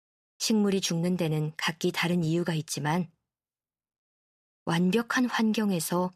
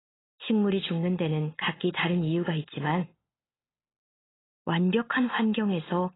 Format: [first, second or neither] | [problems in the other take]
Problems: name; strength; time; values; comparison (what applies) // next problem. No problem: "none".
first | garbled, watery; badly; nothing above 4 kHz